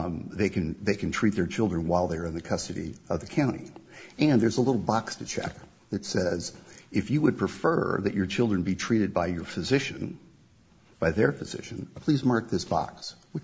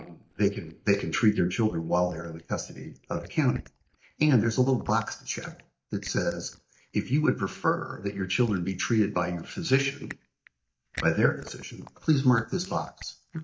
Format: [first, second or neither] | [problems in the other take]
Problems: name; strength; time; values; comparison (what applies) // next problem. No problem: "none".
first | noise reduction (neural mask model DeepFilterNet 3)